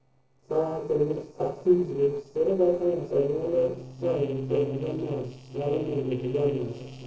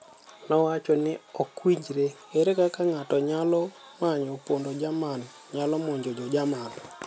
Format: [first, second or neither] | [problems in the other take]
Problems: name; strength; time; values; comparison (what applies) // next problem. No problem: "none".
second | noise reduction (neural separator model SepFormer DNS4)